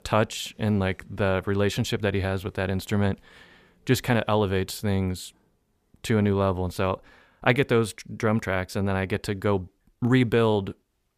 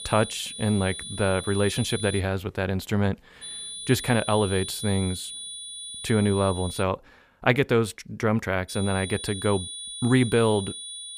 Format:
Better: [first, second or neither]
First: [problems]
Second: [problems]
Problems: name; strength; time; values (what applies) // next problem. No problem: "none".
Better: first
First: none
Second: high-pitched whine; loud; until 2 s, from 3.5 to 7 s and from 8.5 s on; 9.5 kHz, 9 dB below the speech